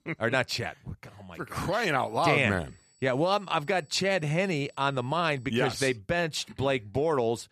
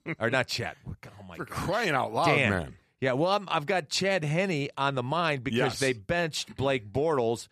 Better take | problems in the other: second | high-pitched whine; faint; from 2 to 5.5 s; 8 kHz, 35 dB below the speech

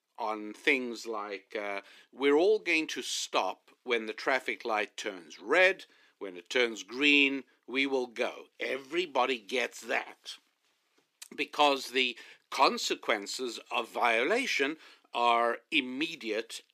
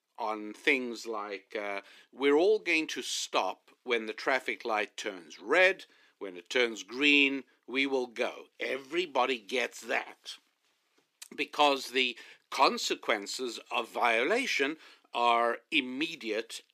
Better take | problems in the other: neither | thin; very slightly; fading below 300 Hz; the same in both

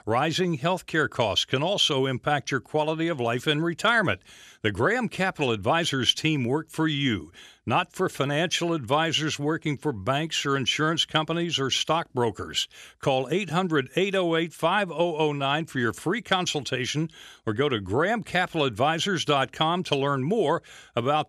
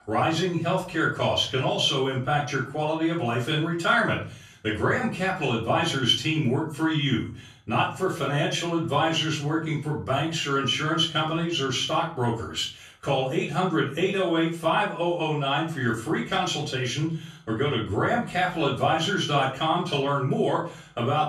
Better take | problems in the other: first | off-mic speech; far // room echo; slight; dies away in 0.4 s

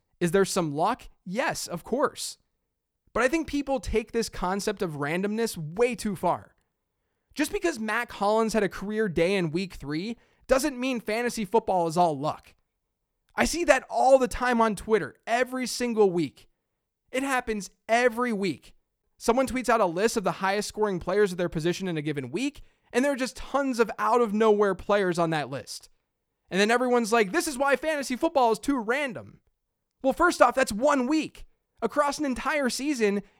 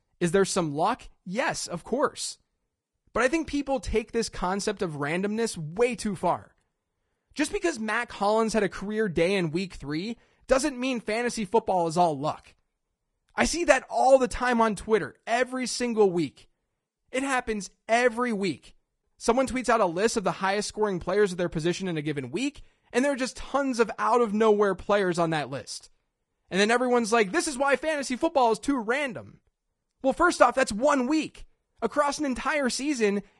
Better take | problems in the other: first | garbled, watery; slightly; nothing above 10.5 kHz

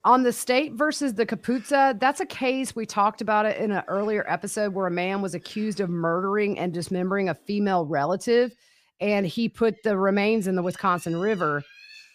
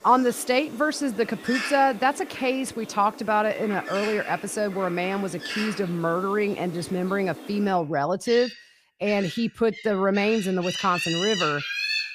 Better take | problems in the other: first | animal sounds; loud; throughout; 8 dB below the speech; faint in the first

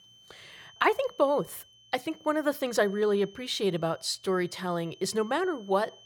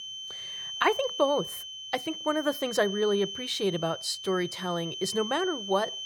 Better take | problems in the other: first | high-pitched whine; loud; throughout; 3 kHz, 7 dB below the speech; faint in the first

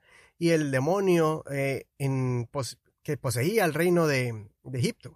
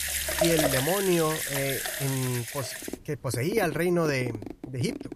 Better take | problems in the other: first | household noises; loud; throughout; 2 dB below the speech

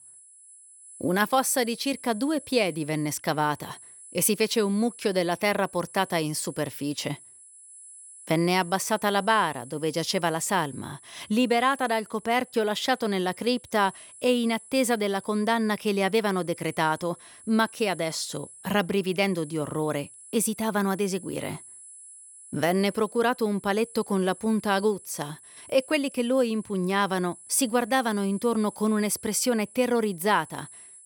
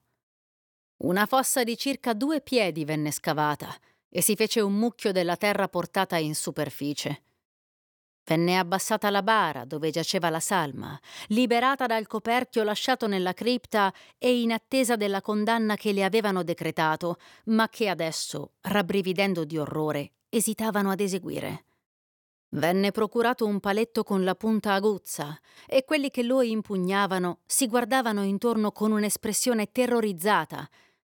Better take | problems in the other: second | high-pitched whine; noticeable; throughout; 10 kHz, 20 dB below the speech

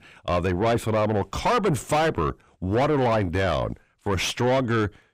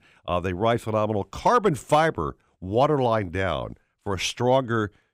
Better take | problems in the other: second | distortion; heavy; 6 dB below the speech

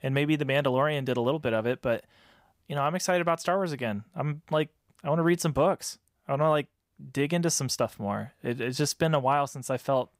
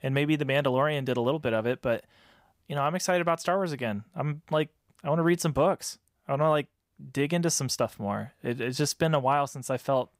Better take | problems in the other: neither | none

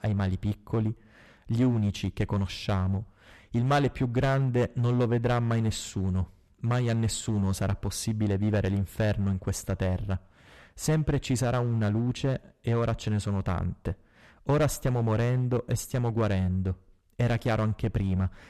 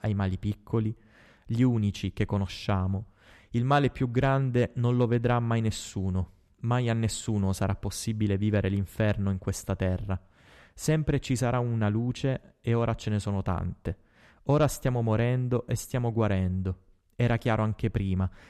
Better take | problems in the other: second | distortion; slight; 6% of the sound clipped

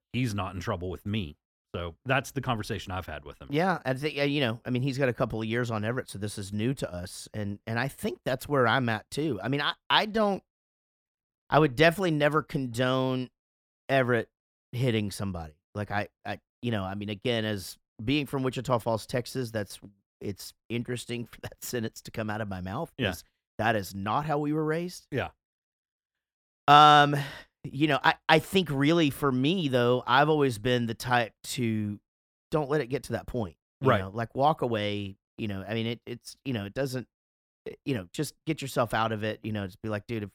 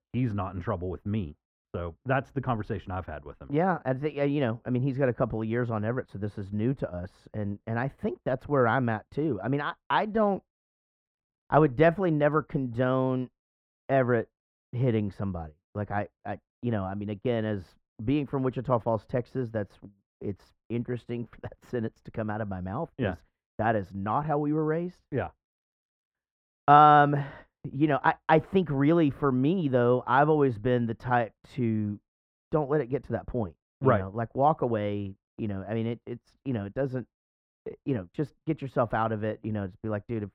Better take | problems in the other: first | muffled; very; fading above 3 kHz

